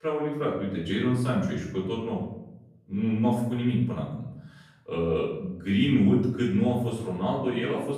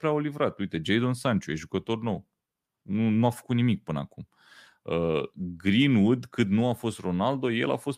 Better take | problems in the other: second | off-mic speech; far // room echo; noticeable; dies away in 0.8 s

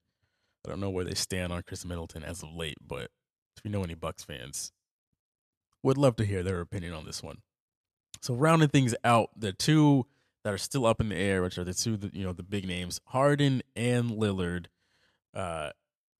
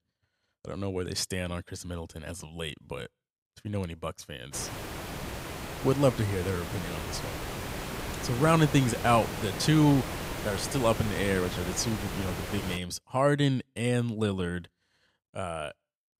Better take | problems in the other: first | hiss; loud; from 4.5 to 13 s; 7 dB below the speech

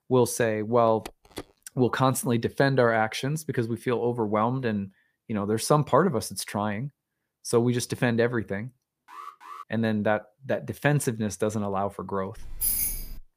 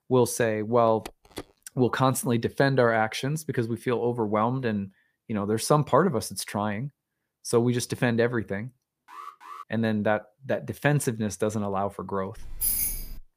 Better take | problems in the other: neither | phone ringing; faint; from 1 to 2 s; peak 15 dB below the speech; the same in both // alarm; faint; at 9 s; peak 15 dB below the speech; the same in both // jangling keys; loud; at 12 s; peak 2 dB above the speech; the same in both

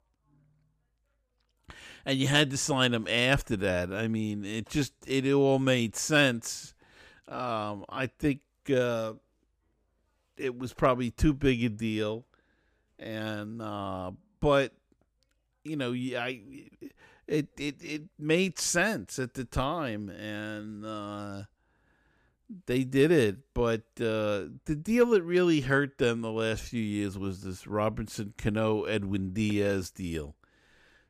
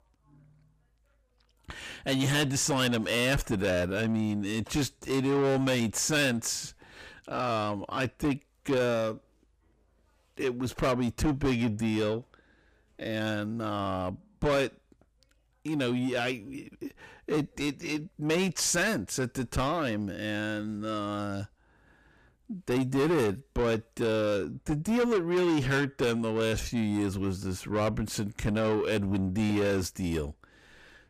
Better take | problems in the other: first | distortion; heavy; 7 dB below the speech

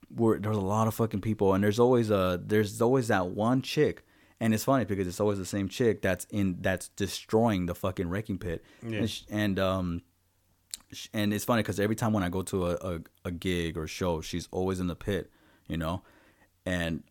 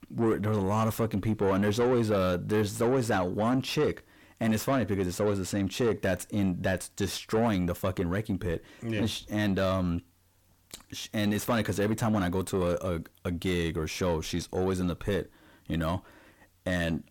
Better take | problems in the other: first | distortion; slight; 10 dB below the speech

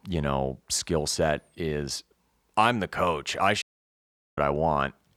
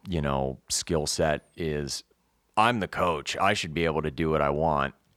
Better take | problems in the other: second | audio cutting out; at 3.5 s for 1 s

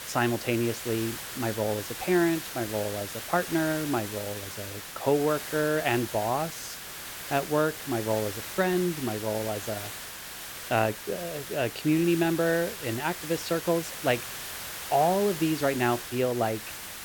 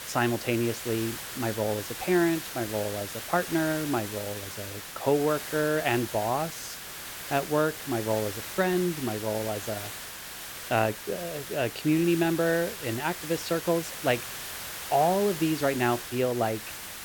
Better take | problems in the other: neither | hiss; loud; throughout; 8 dB below the speech; the same in both

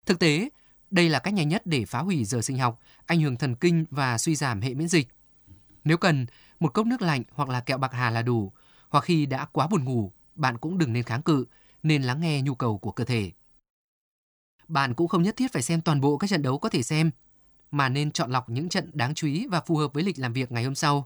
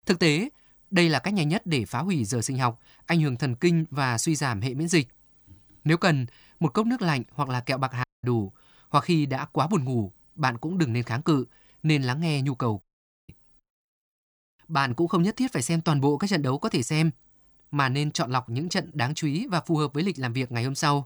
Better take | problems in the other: first | audio cutting out; at 8 s and at 13 s

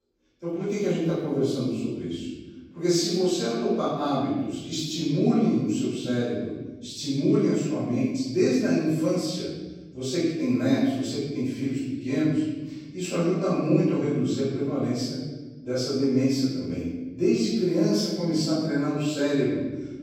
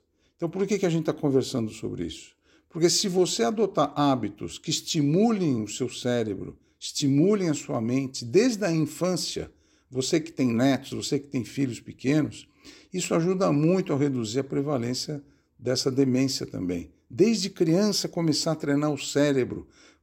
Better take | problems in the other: second | off-mic speech; far // room echo; strong; dies away in 1.2 s

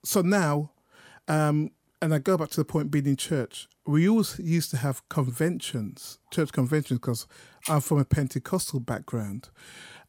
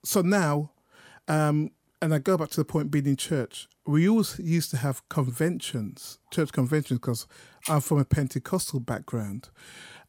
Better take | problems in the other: neither | none

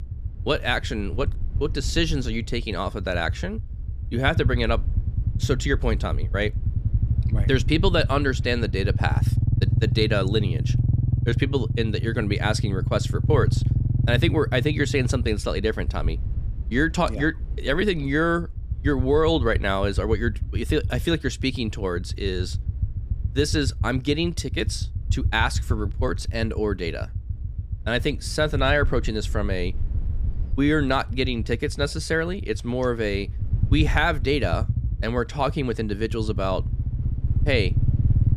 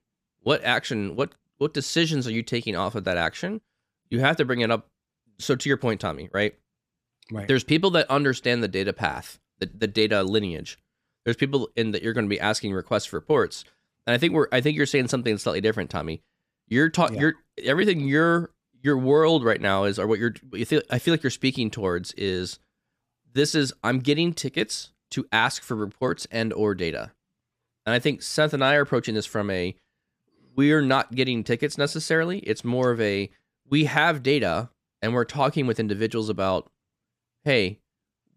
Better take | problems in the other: second | low rumble; noticeable; throughout; 15 dB below the speech

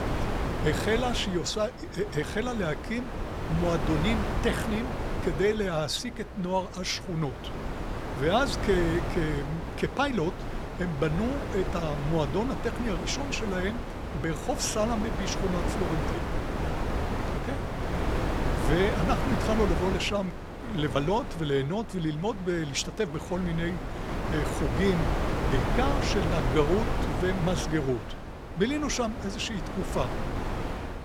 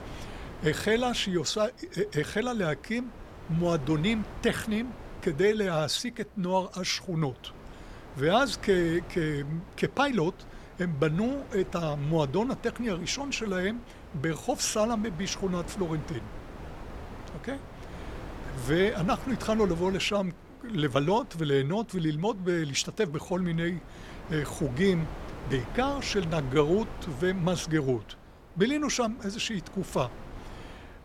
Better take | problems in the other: second | wind noise on the microphone; heavy; 4 dB below the speech; occasional gusts in the second

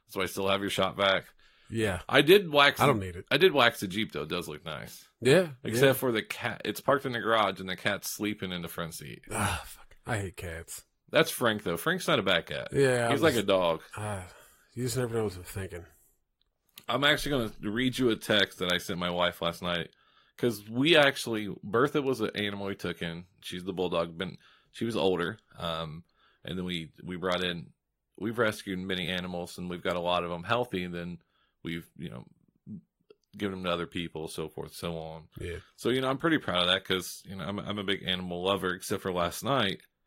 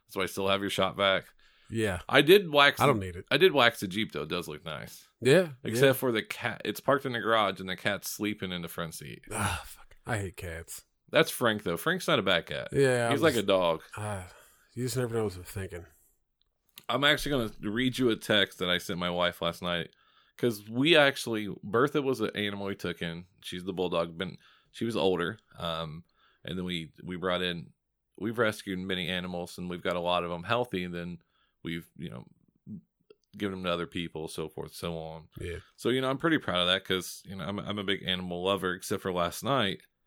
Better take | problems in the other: second | garbled, watery; slightly; nothing above 15.5 kHz

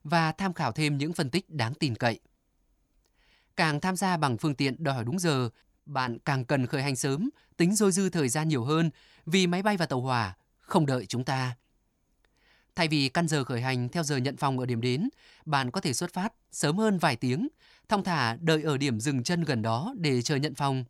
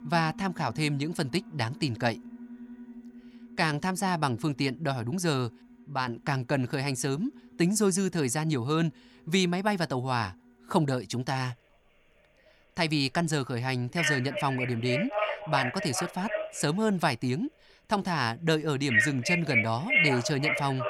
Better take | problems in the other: first | alarms or sirens; loud; throughout; 1 dB below the speech

